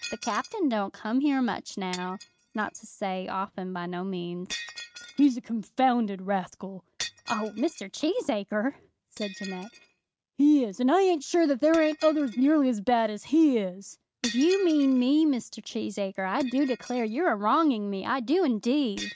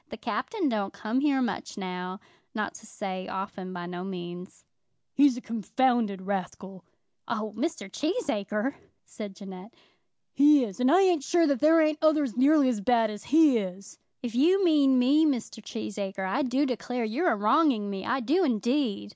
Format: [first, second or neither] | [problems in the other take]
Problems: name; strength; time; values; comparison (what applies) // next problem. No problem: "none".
second | noise reduction (neural mask model RNNoise)